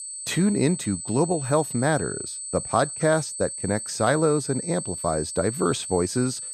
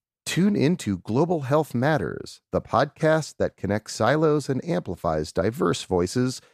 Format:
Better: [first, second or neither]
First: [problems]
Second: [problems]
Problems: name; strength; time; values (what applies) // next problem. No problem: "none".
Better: second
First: high-pitched whine; loud; throughout; 8 kHz, 7 dB below the speech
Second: none